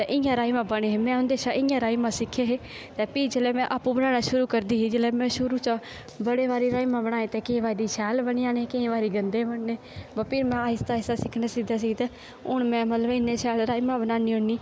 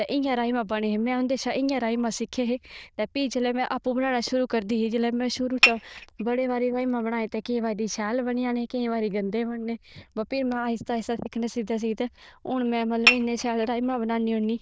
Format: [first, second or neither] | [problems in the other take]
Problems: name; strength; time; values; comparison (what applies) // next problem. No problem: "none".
first | noise reduction (neural diffusion model UNIVERSE++)